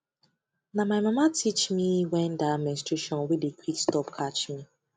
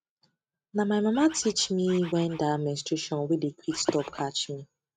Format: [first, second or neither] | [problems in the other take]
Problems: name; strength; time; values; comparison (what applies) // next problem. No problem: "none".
first | noise reduction (neural mask model RNNoise)